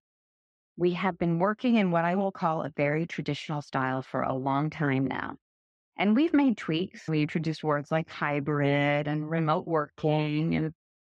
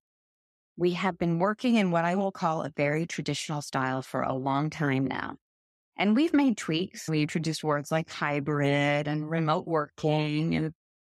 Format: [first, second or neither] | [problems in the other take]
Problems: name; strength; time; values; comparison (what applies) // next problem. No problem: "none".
second | muffled; slightly; fading above 3 kHz